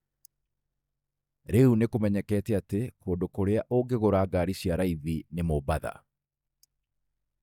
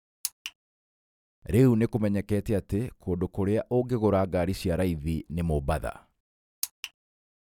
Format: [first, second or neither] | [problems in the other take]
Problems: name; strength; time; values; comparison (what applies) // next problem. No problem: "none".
second | noise reduction (neural mask model DeepFilterNet 3)